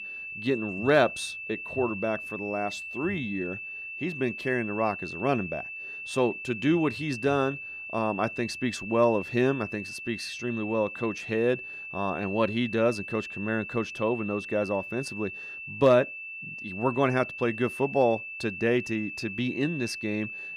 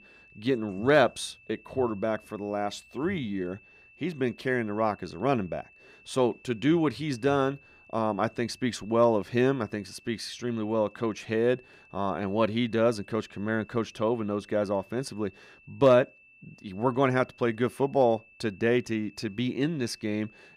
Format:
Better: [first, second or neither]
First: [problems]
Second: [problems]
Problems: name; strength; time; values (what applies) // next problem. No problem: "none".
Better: second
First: high-pitched whine; loud; throughout; 2.5 kHz, 8 dB below the speech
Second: high-pitched whine; faint; throughout; 2.5 kHz, 25 dB below the speech